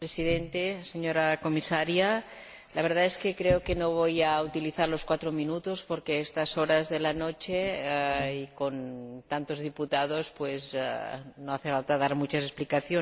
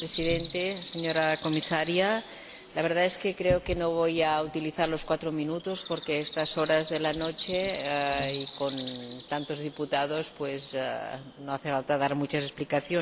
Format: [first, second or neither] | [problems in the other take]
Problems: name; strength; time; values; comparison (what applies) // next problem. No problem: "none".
first | background sound (Bird); 15 dB below the speech